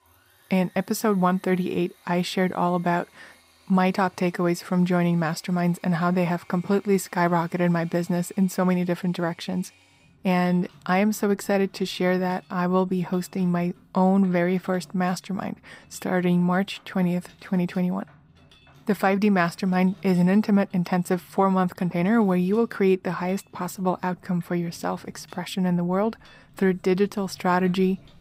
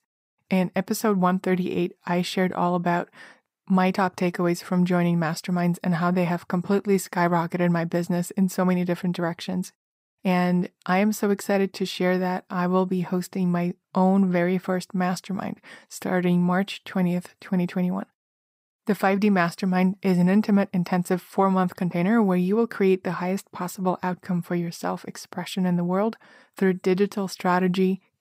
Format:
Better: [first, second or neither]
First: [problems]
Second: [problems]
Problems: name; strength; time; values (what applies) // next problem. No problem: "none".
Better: second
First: machinery noise; faint; throughout; 30 dB below the speech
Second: none